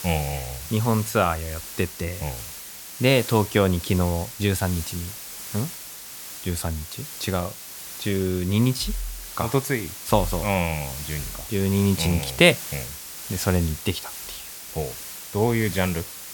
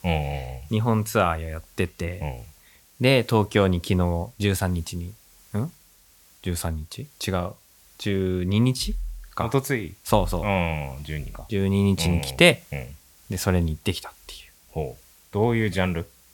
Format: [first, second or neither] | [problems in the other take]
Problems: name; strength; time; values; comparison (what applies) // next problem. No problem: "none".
second | hiss; loud; throughout; 9 dB below the speech; faint in the second